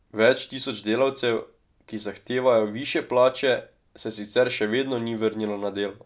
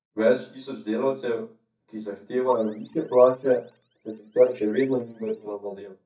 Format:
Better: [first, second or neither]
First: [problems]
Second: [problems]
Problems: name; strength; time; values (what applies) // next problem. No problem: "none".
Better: first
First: none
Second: noise reduction (neural mask model DeepFilterNet 3)